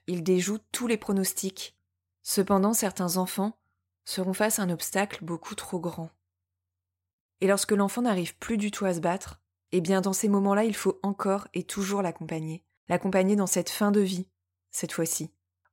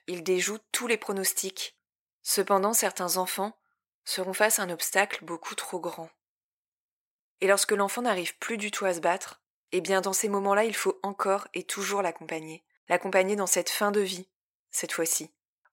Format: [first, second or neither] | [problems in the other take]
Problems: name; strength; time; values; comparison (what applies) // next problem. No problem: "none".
first | thin; somewhat; fading below 400 Hz